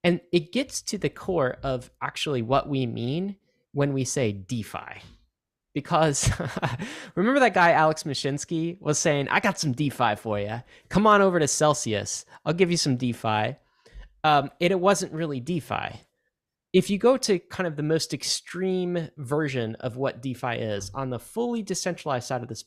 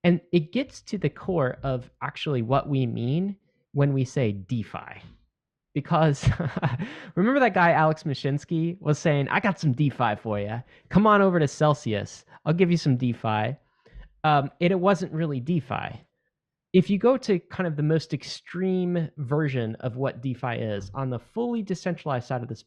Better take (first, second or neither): first